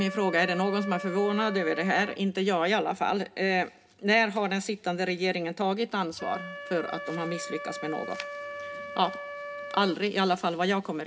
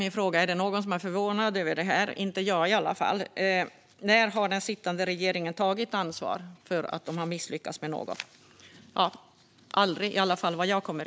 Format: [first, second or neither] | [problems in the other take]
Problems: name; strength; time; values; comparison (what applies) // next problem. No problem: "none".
second | background sound (Wind instrument, woodwind instrument); 12 dB below the speech // room echo; dies away in 0.3 s